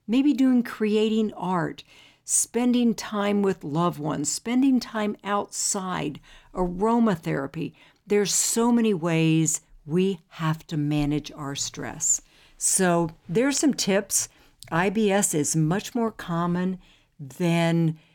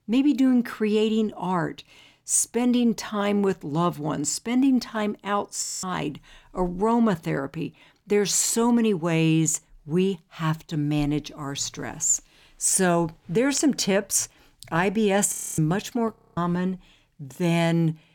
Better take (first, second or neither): first